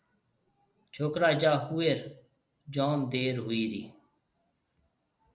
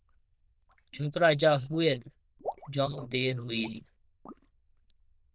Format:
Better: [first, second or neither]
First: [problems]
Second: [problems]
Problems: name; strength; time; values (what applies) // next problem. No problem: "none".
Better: first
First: none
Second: noise reduction (neural diffusion model UNIVERSE++)